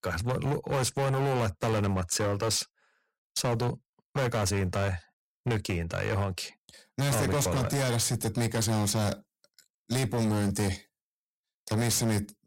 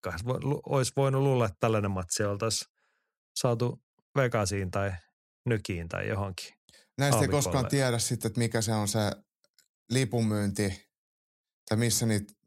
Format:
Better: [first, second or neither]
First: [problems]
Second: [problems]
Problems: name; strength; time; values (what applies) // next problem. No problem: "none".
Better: second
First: distortion; heavy; 19% of the sound clipped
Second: none